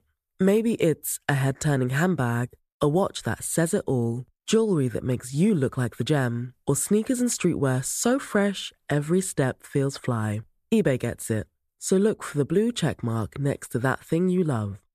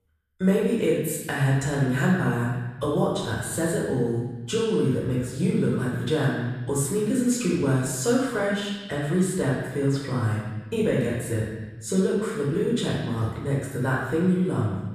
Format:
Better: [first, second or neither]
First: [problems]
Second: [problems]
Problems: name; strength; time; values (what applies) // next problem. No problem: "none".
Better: first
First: none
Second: off-mic speech; far // room echo; noticeable; dies away in 1.2 s